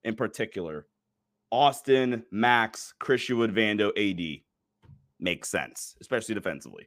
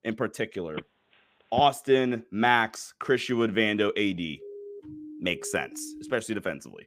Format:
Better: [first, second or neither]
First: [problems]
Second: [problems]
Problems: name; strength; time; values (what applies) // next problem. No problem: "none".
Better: first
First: none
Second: phone ringing; faint; at 1 s; peak 10 dB below the speech // siren; faint; from 4.5 to 6 s; peak 15 dB below the speech